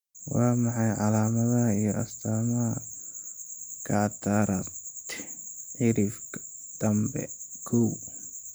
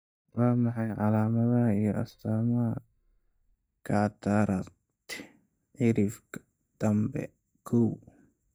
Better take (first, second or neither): first